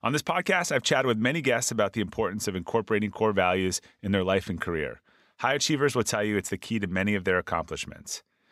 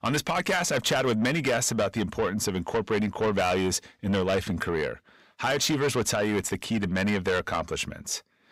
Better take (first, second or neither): first